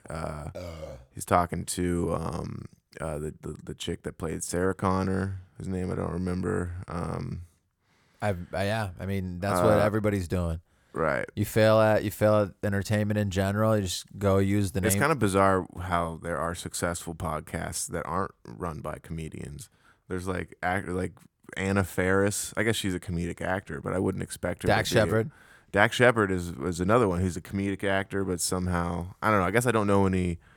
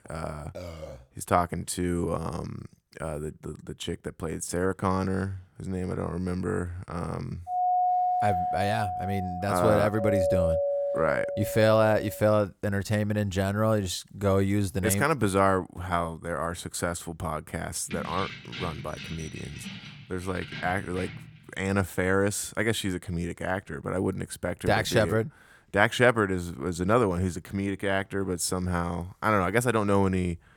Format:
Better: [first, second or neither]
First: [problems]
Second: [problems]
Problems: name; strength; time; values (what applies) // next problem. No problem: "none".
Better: first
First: none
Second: doorbell; loud; from 7.5 to 12 s; peak 4 dB above the speech // jangling keys; noticeable; from 18 to 21 s; peak 8 dB below the speech